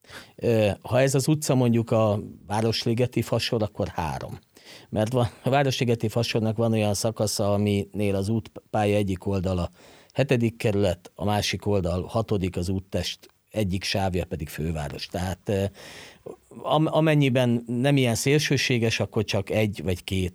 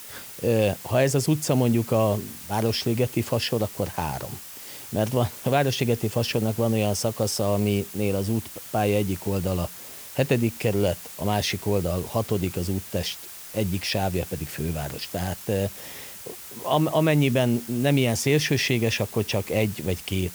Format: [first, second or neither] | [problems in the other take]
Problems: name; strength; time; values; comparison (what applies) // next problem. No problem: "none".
first | hiss; noticeable; throughout; 10 dB below the speech